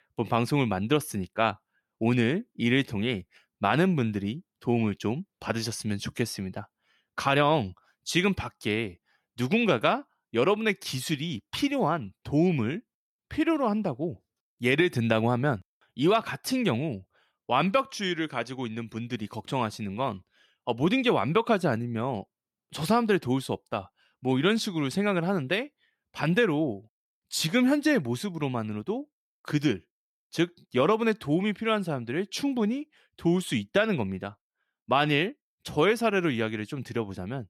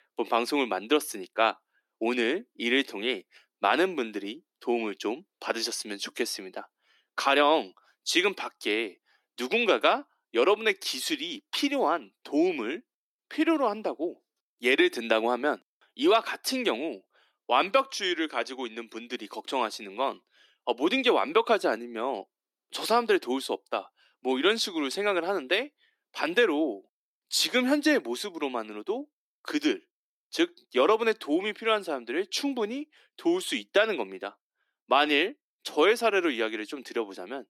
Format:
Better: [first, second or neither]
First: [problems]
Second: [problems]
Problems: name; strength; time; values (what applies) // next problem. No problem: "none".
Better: first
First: none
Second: thin; somewhat; fading below 300 Hz